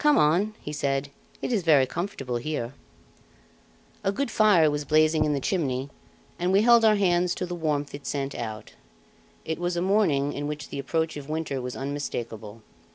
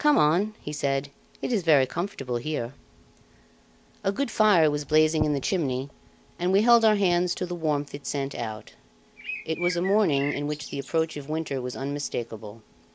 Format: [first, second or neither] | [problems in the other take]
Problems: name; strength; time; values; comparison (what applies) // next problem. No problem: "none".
first | background sound (Bird); 11 dB below the speech